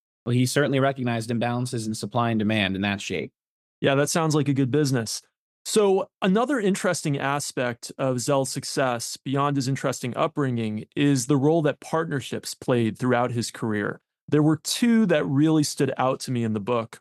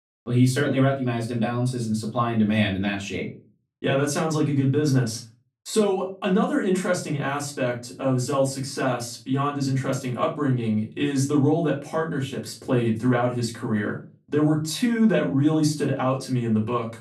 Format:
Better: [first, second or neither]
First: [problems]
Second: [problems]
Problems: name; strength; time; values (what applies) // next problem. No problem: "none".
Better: first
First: none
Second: off-mic speech; far // room echo; slight; dies away in 0.3 s